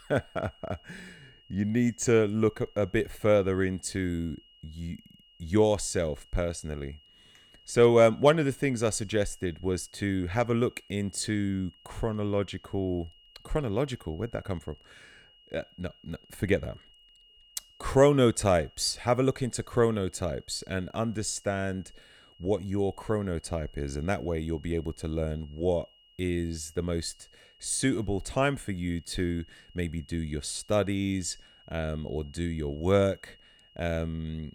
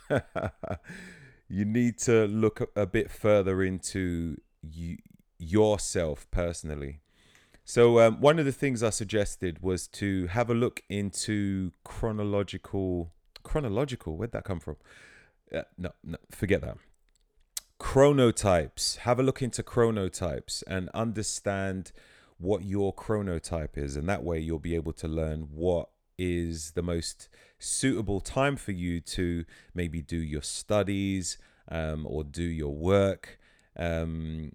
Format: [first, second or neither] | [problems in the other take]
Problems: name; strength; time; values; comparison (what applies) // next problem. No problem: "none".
second | high-pitched whine; faint; throughout; 3 kHz, 30 dB below the speech